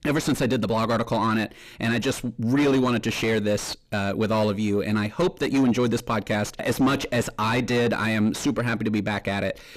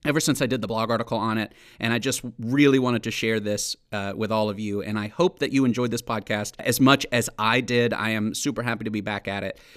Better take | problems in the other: second | distortion; heavy; 6 dB below the speech

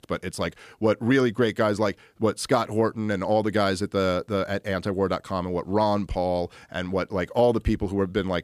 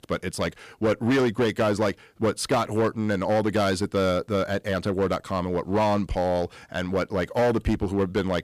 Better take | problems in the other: first | distortion; slight; 8% of the sound clipped

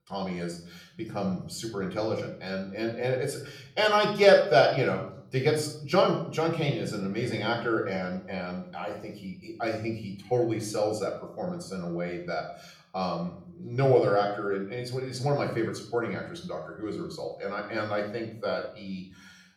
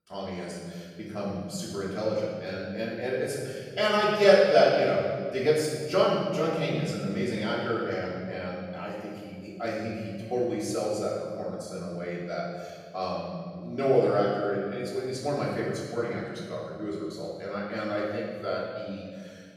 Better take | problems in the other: first | room echo; strong; dies away in 1.8 s; slight in the first // off-mic speech; far; somewhat distant in the first

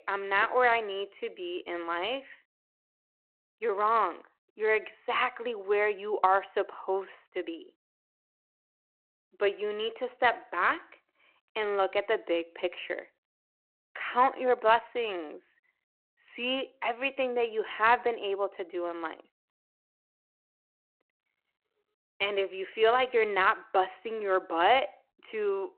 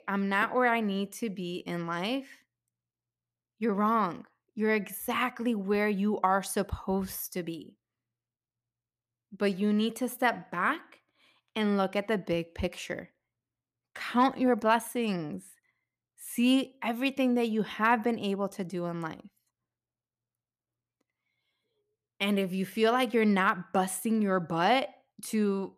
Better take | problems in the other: second | phone-call audio

